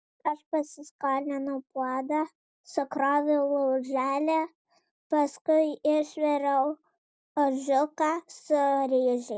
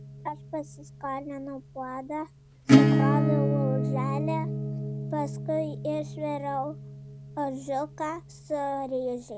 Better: first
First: none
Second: background sound (Acoustic guitar / Strum); 5 dB above the speech

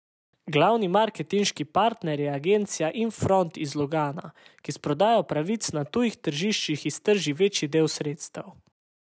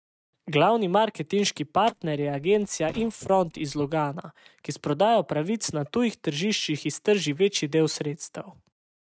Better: first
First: none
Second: noise reduction (neural mask model RNNoise)

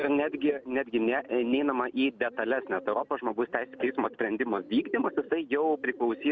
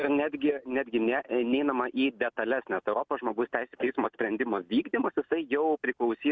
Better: second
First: background sound (Bird); 19 dB below the speech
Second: none

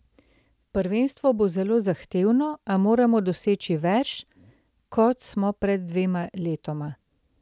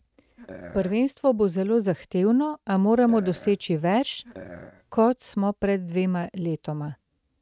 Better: first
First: none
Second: noise reduction (neural mask model RNNoise)

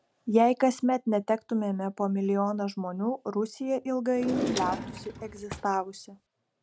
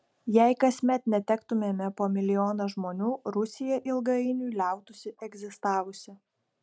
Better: second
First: background sound (Drawer open or close); 7 dB below the speech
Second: none

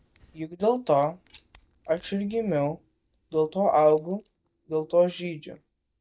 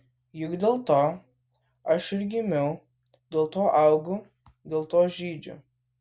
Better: second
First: noise reduction (neural mask model DeepFilterNet 3)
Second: none

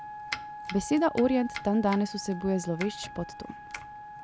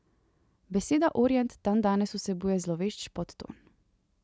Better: second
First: background sound (Domestic sounds, home sounds + Wind instrument, woodwind instrument); 11 dB below the speech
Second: none

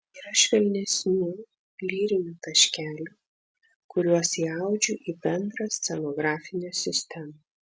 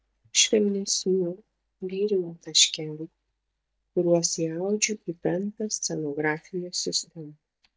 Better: first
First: none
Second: noise reduction (neural mask model DeepFilterNet 3)

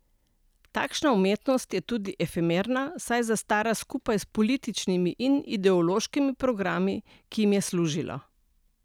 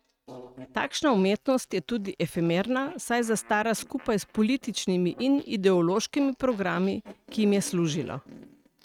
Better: first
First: none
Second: noise reduction (neural mask model RNNoise)

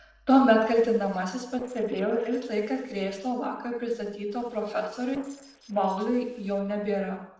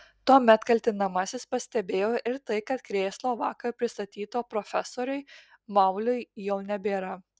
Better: second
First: noise reduction (neural separator model SepFormer DNS4)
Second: none

